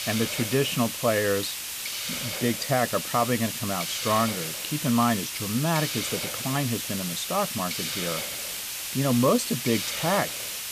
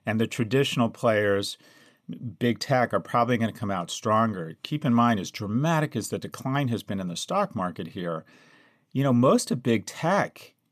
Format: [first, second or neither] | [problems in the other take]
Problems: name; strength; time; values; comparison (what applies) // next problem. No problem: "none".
second | hiss; loud; throughout; 3 dB below the speech